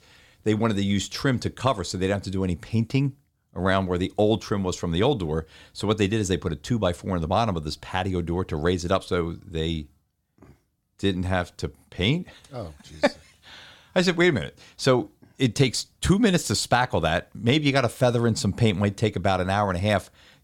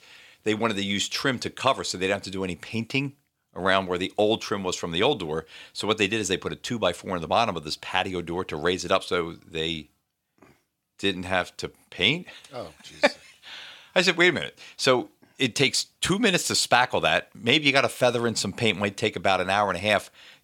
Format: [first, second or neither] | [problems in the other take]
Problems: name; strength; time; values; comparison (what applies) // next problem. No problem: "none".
first | thin; very slightly; fading below 450 Hz